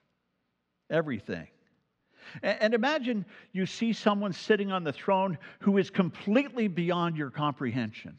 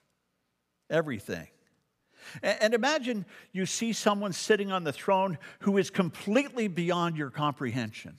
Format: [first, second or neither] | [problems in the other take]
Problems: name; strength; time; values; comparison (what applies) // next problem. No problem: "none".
second | muffled; very slightly; fading above 4 kHz